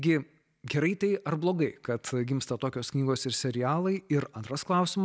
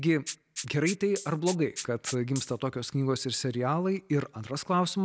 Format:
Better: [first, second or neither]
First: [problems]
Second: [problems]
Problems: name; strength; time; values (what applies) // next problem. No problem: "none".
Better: first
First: none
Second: background sound (Rattle (instrument)); 13 dB below the speech